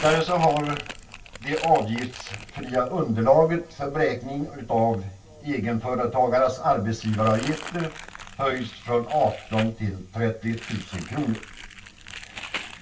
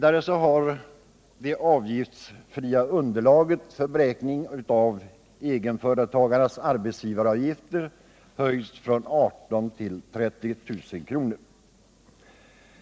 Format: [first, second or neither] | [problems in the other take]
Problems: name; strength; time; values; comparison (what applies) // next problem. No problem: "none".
second | background sound (Crumpling, crinkling); 15 dB below the speech // room echo; dies away in 0.2 s